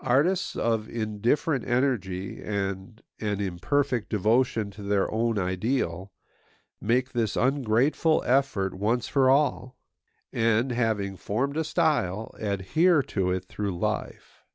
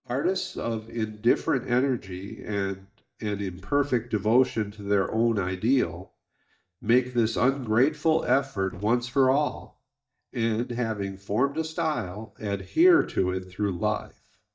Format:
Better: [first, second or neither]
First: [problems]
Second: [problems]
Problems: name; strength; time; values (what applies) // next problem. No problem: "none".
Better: first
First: none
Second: noise reduction (neural mask model DeepFilterNet 3)